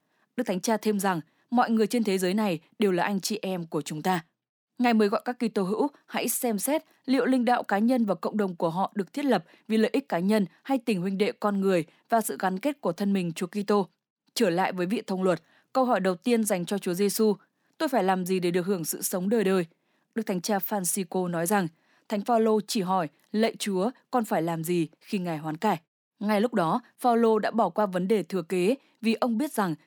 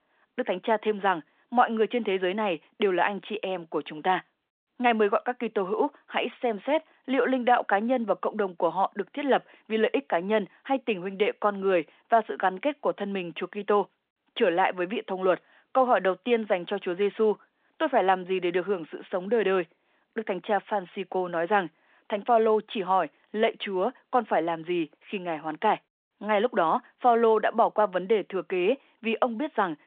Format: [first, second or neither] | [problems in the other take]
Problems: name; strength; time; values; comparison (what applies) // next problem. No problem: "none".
first | phone-call audio